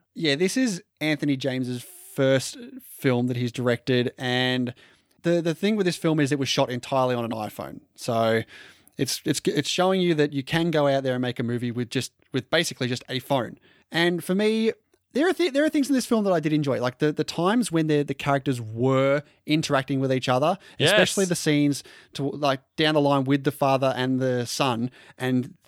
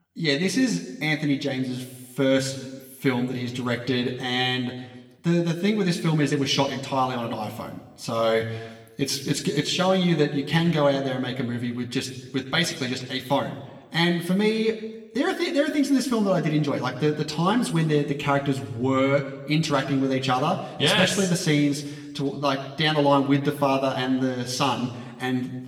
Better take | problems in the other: first | room echo; slight; dies away in 1 s

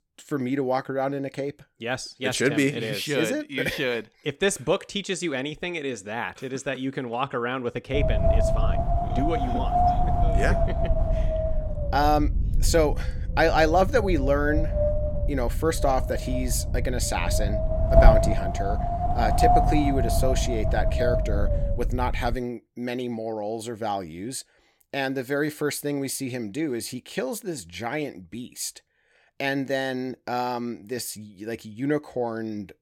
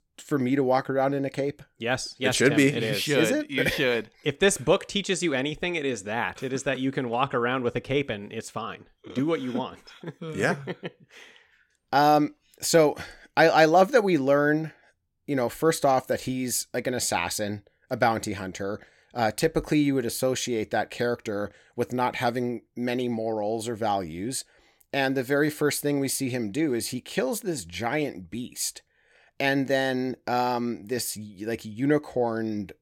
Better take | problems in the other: second | wind noise on the microphone; heavy; from 8 to 22 s; 1 dB above the speech

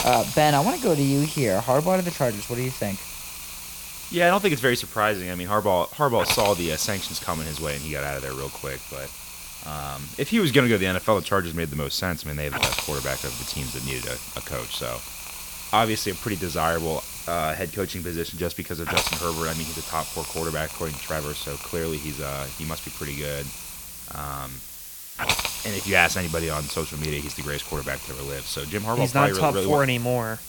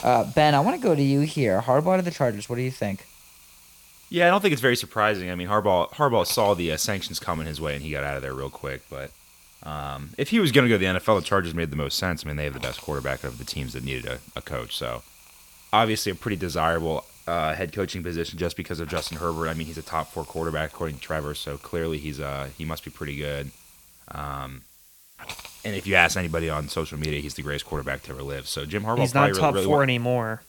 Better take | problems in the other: second | hiss; loud; throughout; 6 dB below the speech; faint in the second

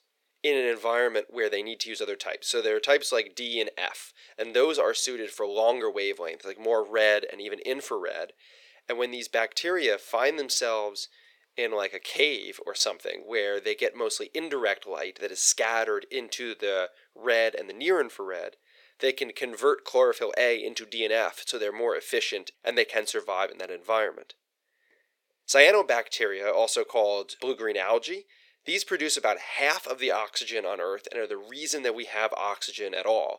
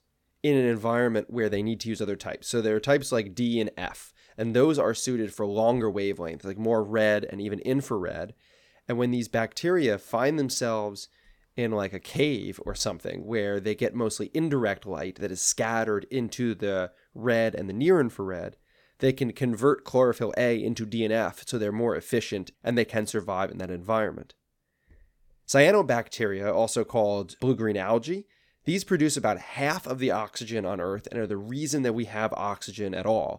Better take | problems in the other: second | thin; very; fading below 450 Hz

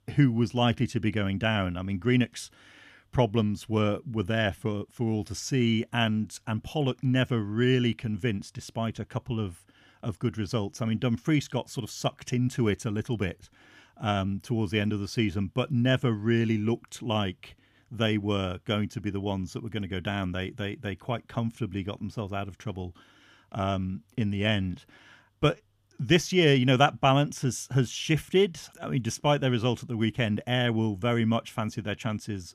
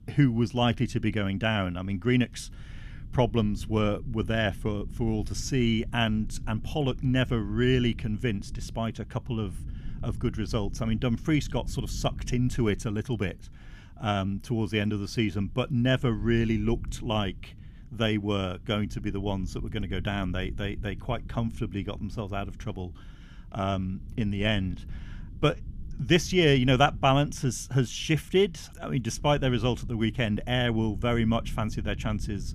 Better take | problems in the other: first | low rumble; faint; throughout; 25 dB below the speech

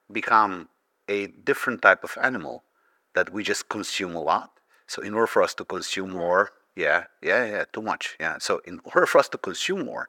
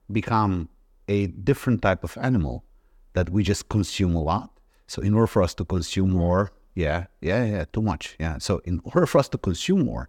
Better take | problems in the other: second | thin; very; fading below 500 Hz

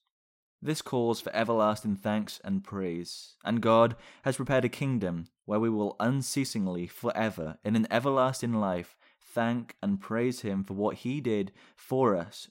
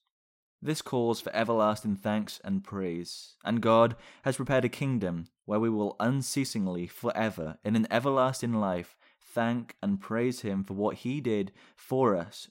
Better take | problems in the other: neither | none

